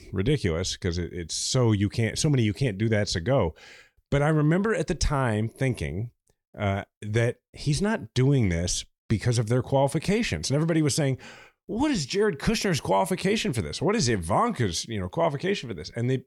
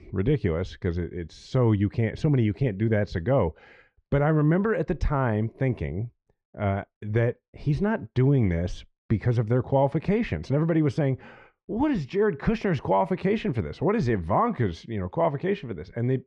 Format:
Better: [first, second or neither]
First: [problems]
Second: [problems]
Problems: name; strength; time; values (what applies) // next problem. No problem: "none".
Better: first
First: none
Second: muffled; very; fading above 1.5 kHz